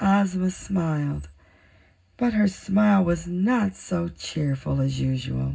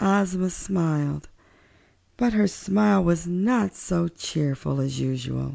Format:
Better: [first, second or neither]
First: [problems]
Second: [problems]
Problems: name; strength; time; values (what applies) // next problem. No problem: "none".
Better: second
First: room echo; dies away in 0.4 s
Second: none